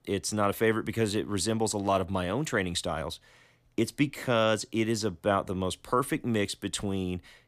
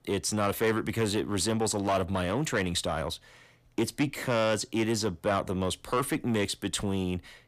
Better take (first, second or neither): first